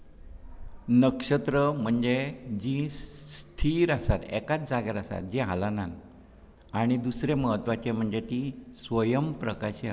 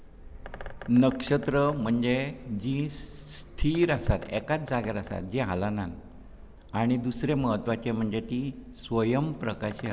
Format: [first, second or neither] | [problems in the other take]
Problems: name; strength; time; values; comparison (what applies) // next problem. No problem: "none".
first | background sound (Printer + Bird); 18 dB below the speech